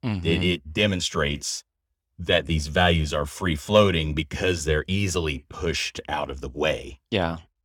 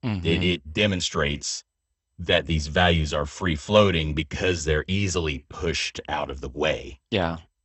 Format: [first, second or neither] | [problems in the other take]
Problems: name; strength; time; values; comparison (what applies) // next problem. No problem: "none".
first | garbled, watery; slightly; nothing above 8 kHz